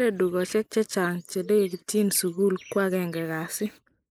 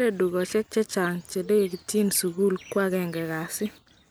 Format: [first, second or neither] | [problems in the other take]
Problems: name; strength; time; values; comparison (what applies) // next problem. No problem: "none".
second | noise reduction (neural mask model Resemble Enhance denoiser)